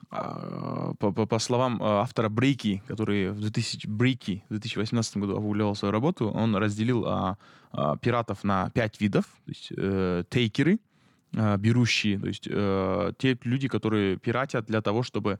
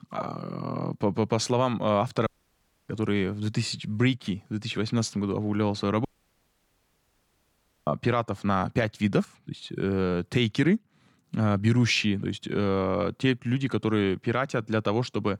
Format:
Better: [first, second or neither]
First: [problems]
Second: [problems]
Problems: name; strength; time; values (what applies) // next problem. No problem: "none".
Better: first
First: none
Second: audio cutting out; at 2.5 s for 0.5 s and at 6 s for 2 s